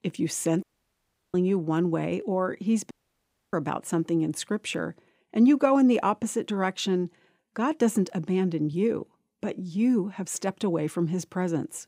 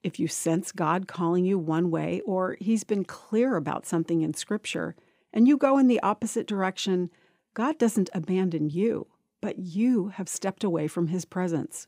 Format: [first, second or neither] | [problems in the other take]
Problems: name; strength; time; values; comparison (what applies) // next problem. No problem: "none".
second | audio cutting out; at 0.5 s for 0.5 s and at 3 s for 0.5 s